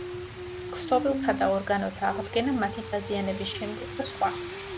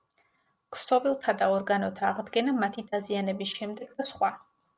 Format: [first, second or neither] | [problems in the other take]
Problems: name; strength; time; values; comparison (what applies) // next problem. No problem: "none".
second | background sound (Rain); 7 dB below the speech